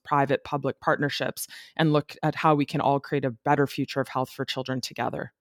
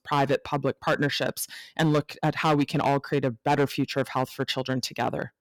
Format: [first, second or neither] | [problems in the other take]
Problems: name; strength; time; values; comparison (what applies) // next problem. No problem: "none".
first | distortion; slight; 6% of the sound clipped